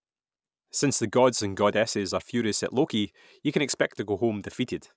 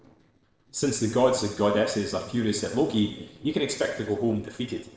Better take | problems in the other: first | noise reduction (neural separator model SepFormer DNS4)

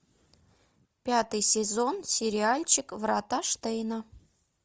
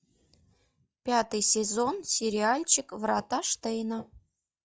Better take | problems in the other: first | noise reduction (classical method log-MMSE)

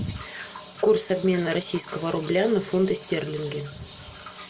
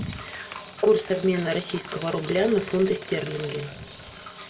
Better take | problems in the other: first | background sound (Squeak); 17 dB below the speech // room echo; dies away in 0.5 s

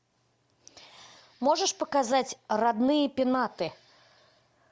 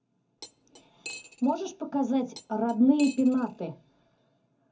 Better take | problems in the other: first | background sound (Cutlery, silverware); 19 dB below the speech // room echo; dies away in 0.3 s

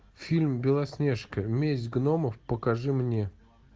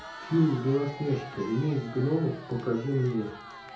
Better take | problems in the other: first | background sound (Crowd); 15 dB below the speech // room echo; dies away in 0.5 s

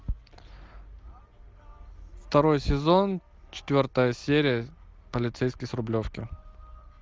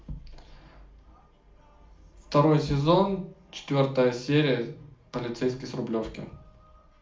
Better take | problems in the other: first | room echo; dies away in 0.4 s

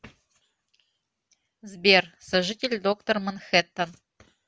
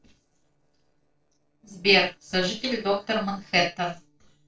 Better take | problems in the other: first | noise reduction (neural separator model SepFormer DNS4)

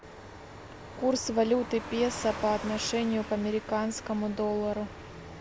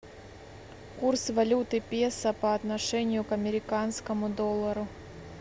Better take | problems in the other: second | background sound (Car passing by / Truck); 14 dB below the speech

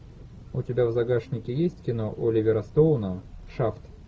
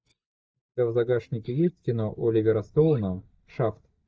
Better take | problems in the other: first | noise reduction (neural mask model DeepFilterNet 3)

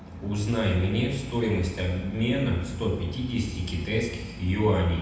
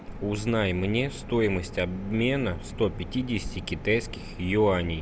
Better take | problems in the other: second | room echo; dies away in 1 s

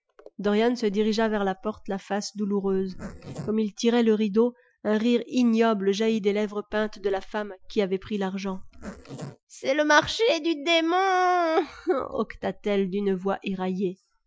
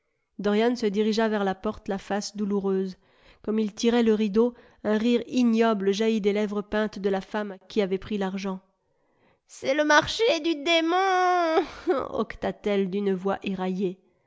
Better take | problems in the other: second | noise reduction (classical method Wiener filter)

